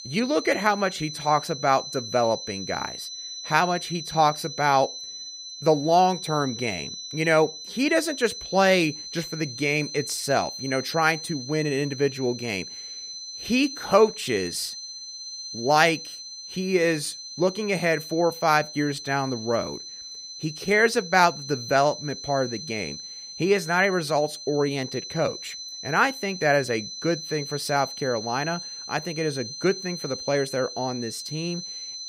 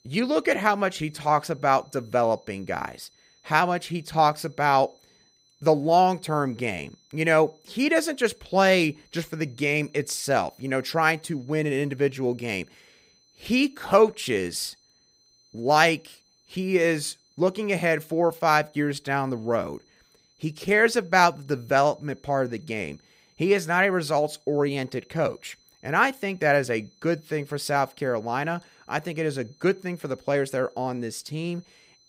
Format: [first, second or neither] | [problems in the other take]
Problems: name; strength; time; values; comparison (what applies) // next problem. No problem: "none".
second | high-pitched whine; loud; throughout; 4 kHz, 10 dB below the speech; faint in the second